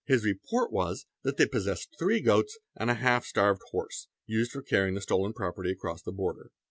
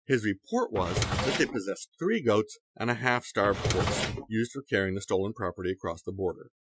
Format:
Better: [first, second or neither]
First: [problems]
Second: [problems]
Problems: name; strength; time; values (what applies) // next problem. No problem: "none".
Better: first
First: none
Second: noise reduction (classical method Wiener filter)